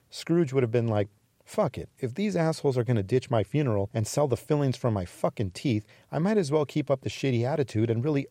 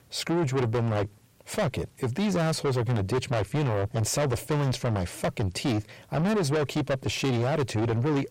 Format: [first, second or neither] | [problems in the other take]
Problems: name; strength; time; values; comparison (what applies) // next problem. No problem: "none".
first | distortion; heavy; 5 dB below the speech